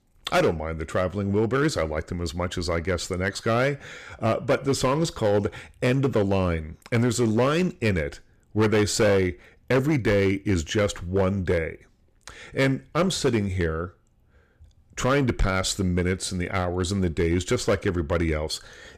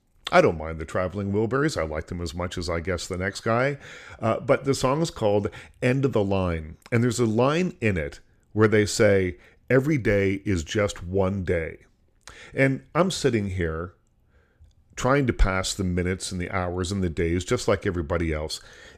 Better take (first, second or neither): second